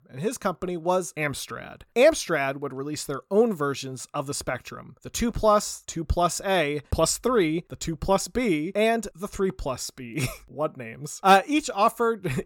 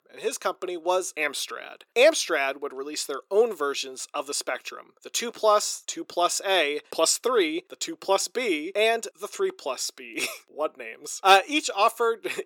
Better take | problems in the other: first | thin; somewhat; fading below 350 Hz

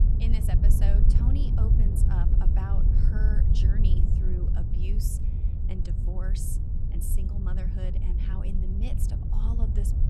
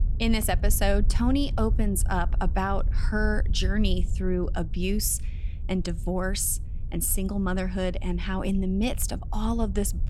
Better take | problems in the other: second | wind noise on the microphone; heavy; 1 dB above the speech; occasional gusts in the second

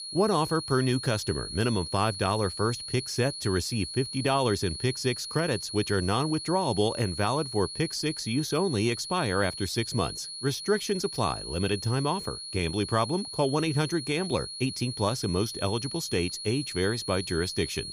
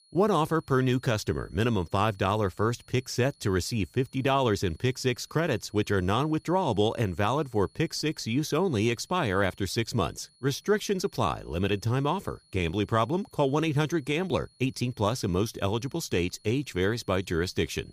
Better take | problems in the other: second | high-pitched whine; loud; throughout; 4.5 kHz, 7 dB below the speech; faint in the second

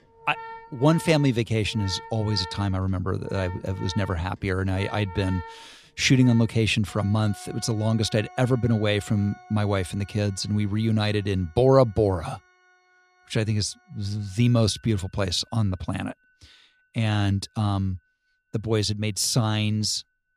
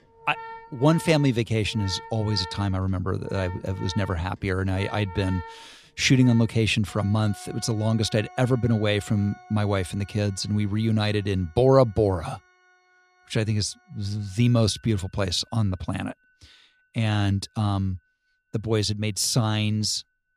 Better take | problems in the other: neither | background music; noticeable; throughout; 20 dB below the speech; the same in both

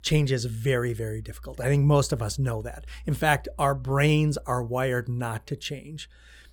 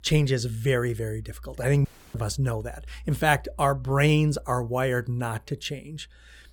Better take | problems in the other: first | audio cutting out; at 2 s

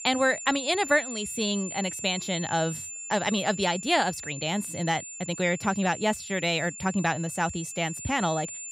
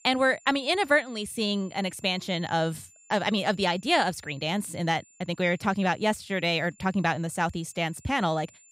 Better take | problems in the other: second | high-pitched whine; loud; throughout; 7 kHz, 9 dB below the speech; faint in the second

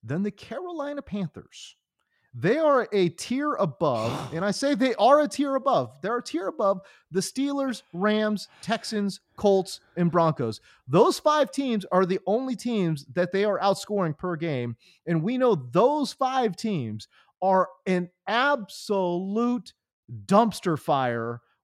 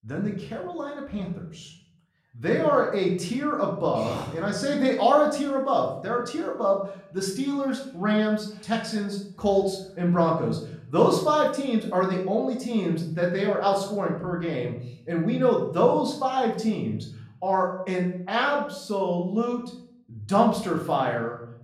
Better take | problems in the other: first | room echo; slight; dies away in 0.6 s // off-mic speech; far

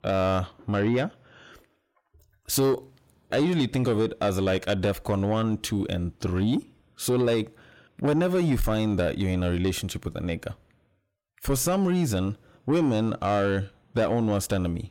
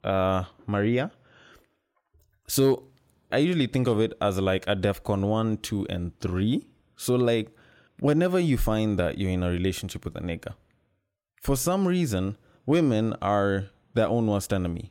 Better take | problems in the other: second | distortion; slight; 10 dB below the speech

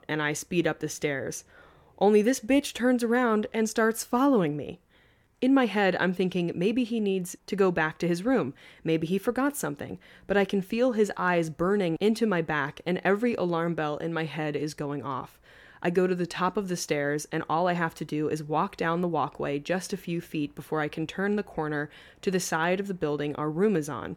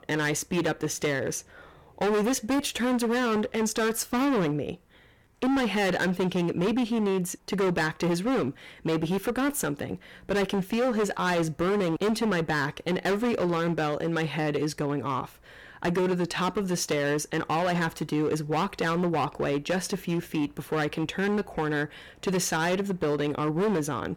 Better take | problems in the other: first | distortion; heavy; 19% of the sound clipped

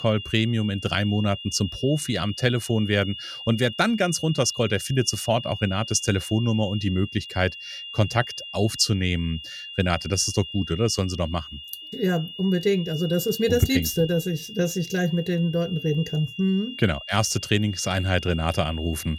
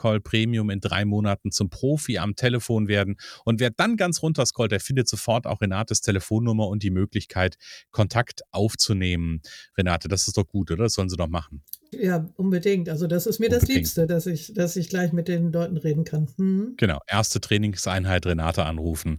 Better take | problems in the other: second | high-pitched whine; noticeable; throughout; 3 kHz, 10 dB below the speech

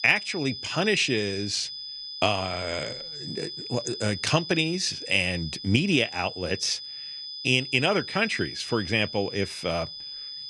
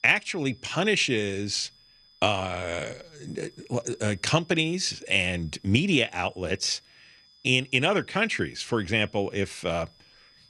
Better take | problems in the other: second | high-pitched whine; loud; throughout; 5 kHz, 9 dB below the speech; faint in the second

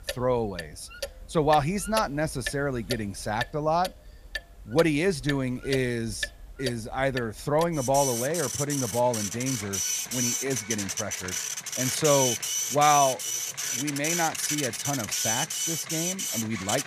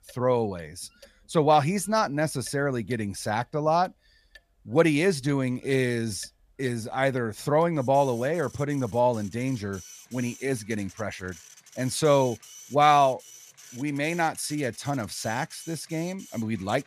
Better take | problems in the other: second | household noises; loud; throughout; 2 dB below the speech; faint in the second

